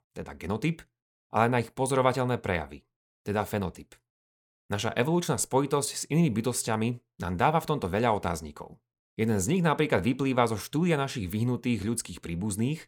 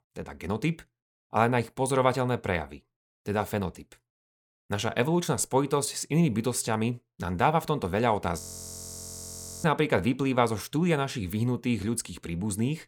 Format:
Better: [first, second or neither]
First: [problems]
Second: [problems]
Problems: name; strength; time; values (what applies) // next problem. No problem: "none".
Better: first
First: none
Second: audio freezing; at 8.5 s for 1.5 s